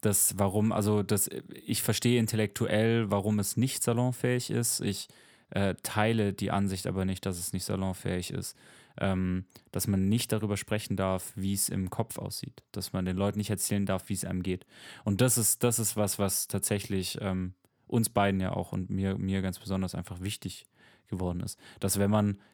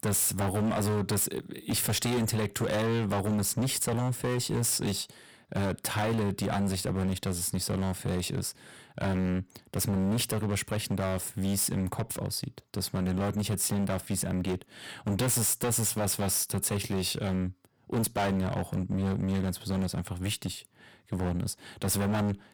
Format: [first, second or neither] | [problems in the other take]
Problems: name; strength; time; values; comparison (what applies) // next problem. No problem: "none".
first | distortion; heavy; 18% of the sound clipped